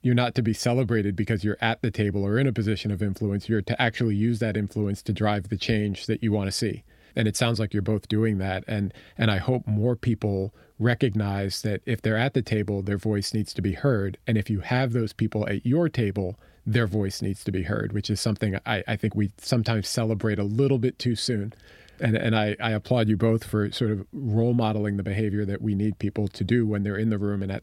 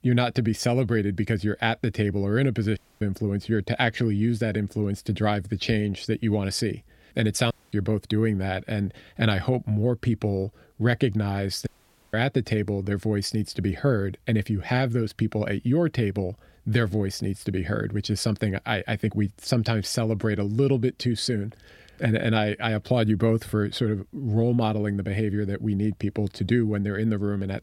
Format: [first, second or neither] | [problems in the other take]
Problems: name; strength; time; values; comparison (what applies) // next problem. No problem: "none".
first | audio cutting out; at 3 s, at 7.5 s and at 12 s